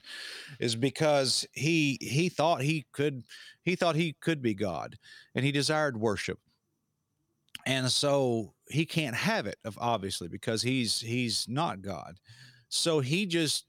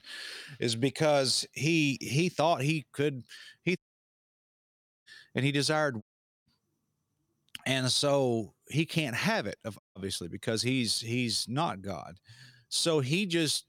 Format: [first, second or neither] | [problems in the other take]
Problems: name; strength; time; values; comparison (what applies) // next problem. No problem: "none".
first | audio cutting out; at 4 s for 1.5 s, at 6 s and at 10 s